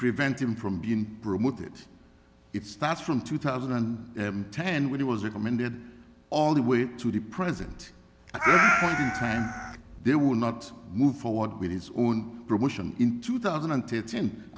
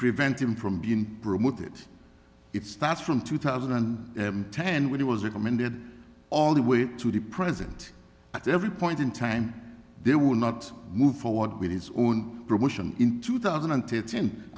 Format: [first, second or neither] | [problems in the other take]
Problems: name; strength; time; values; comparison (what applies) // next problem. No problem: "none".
second | background sound (Meow); 2 dB above the speech